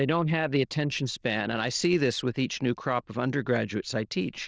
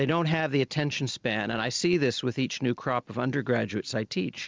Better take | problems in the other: second | noise reduction (neural diffusion model UNIVERSE++)

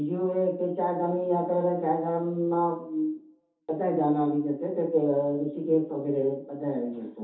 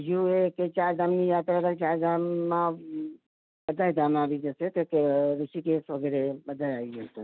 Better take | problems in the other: second | room echo; dies away in 0.5 s

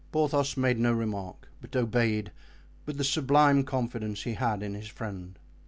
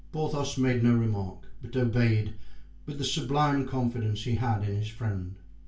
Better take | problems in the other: first | room echo; dies away in 0.3 s

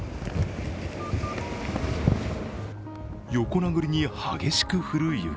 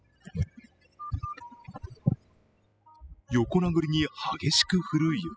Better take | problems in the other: first | noise reduction (classical method spectral subtraction)

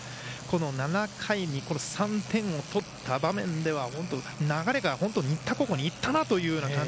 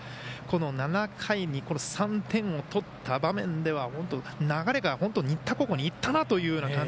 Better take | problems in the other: second | background sound (Engine / Domestic sounds, home sounds); 18 dB below the speech

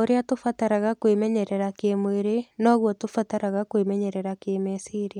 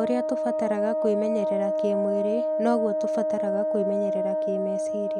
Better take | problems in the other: first | background sound (Wind instrument, woodwind instrument); 3 dB above the speech

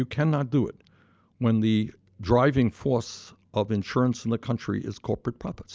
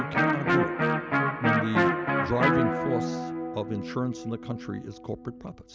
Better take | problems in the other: first | background sound (Electric guitar); 5 dB above the speech

